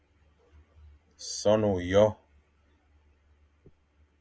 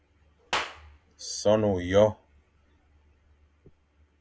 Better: first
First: none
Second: background sound (Clapping); 11 dB below the speech

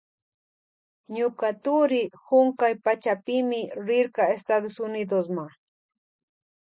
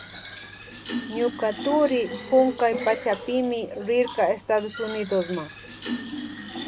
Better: first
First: none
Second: background sound (Fill (with liquid)); 10 dB below the speech

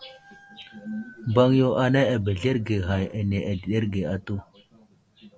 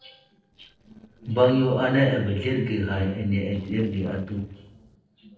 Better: first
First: none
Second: noise reduction (neural separator model SepFormer DNS4)

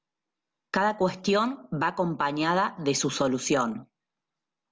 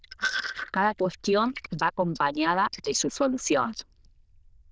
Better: first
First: none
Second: noise reduction (neural diffusion model UNIVERSE++)

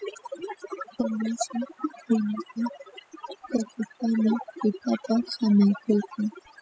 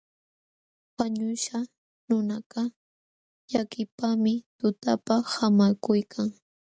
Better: second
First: noise reduction (classical method spectral subtraction)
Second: none

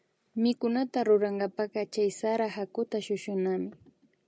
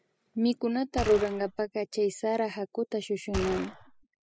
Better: first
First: none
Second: noise reduction (classical method spectral subtraction)

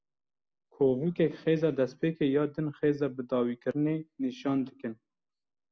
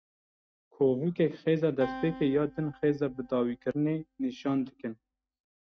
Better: first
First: none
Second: noise reduction (neural mask model RNNoise)

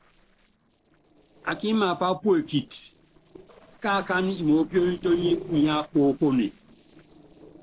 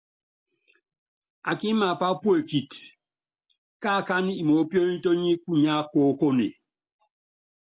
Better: second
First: noise reduction (neural separator model SepFormer DNS4)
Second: none

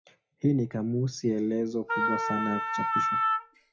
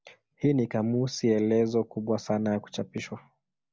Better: second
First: noise reduction (classical method WPE with log-MMSE)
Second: none

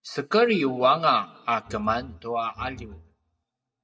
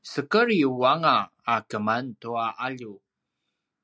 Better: second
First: noise reduction (neural mask model DeepFilterNet 3)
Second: none

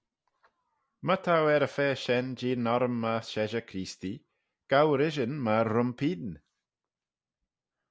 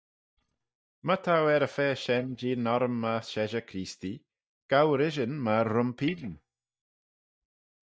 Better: first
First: none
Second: noise reduction (neural mask model DeepFilterNet 3)

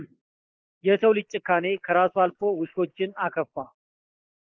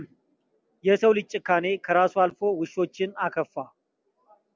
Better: second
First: noise reduction (neural mask model Resemble Enhance denoiser)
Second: none

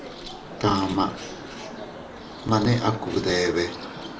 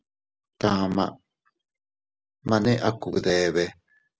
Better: second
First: background sound (Bird); 11 dB below the speech // room echo; dies away in 0.3 s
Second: none

